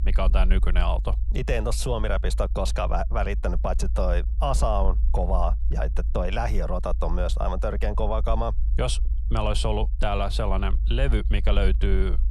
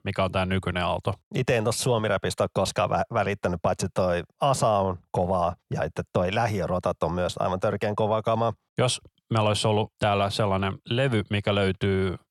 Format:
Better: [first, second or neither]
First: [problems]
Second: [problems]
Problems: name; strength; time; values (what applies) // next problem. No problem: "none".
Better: second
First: low rumble; noticeable; throughout; 20 dB below the speech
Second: none